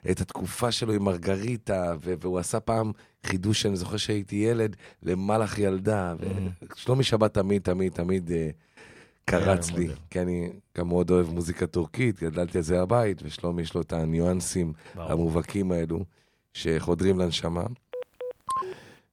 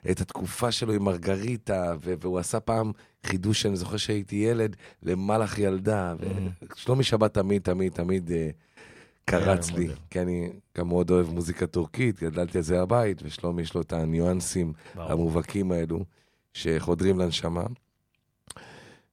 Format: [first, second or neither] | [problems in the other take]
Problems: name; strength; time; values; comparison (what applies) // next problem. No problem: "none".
second | phone ringing; noticeable; at 18 s; peak 4 dB below the speech